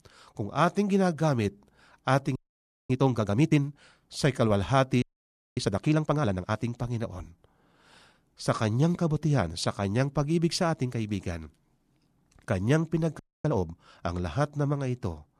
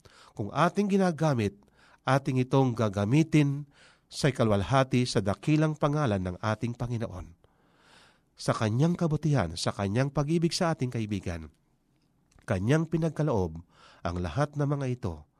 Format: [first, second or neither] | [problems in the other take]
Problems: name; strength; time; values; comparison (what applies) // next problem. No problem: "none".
second | audio freezing; at 2.5 s for 0.5 s, at 5 s for 0.5 s and at 13 s